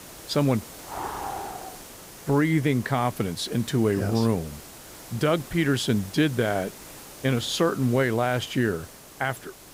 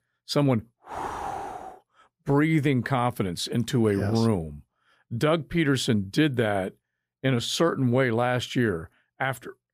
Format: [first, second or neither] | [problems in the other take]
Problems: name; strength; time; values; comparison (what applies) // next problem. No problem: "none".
second | hiss; noticeable; throughout; 15 dB below the speech